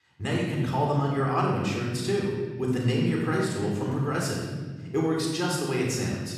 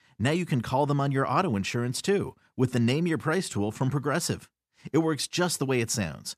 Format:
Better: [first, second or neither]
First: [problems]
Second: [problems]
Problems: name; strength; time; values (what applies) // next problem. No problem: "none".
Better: second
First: room echo; noticeable; dies away in 1.5 s // off-mic speech; far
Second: none